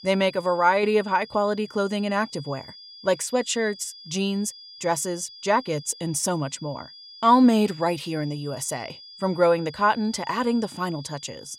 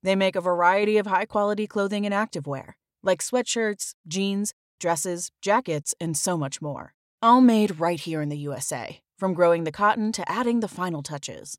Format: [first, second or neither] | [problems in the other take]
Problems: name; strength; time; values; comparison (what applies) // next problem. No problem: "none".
second | high-pitched whine; noticeable; throughout; 5 kHz, 20 dB below the speech